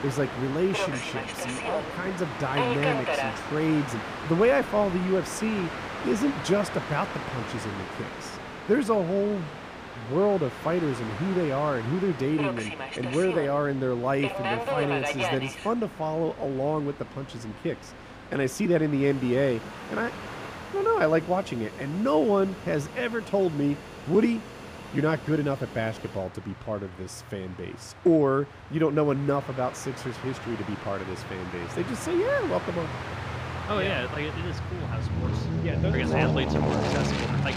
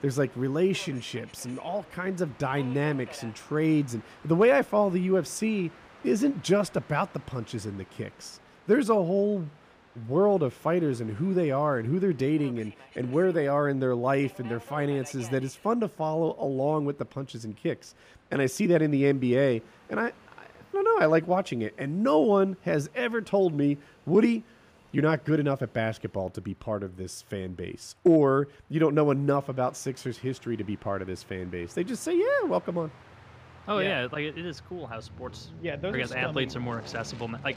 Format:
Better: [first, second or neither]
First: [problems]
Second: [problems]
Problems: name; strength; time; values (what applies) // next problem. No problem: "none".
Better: second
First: train or aircraft noise; loud; throughout; 5 dB below the speech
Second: train or aircraft noise; faint; throughout; 25 dB below the speech